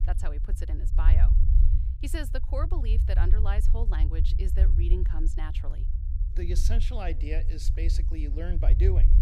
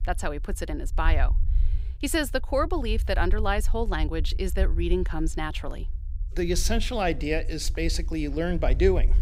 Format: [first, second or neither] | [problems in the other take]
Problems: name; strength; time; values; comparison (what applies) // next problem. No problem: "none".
second | low rumble; loud; throughout; 7 dB below the speech; faint in the second